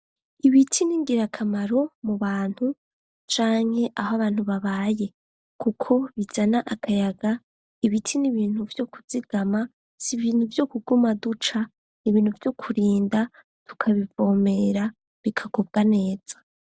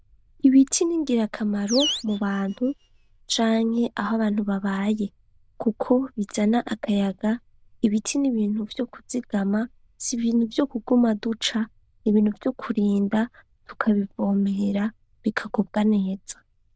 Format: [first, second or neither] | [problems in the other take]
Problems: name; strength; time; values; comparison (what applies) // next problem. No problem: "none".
first | noise reduction (neural diffusion model UNIVERSE++)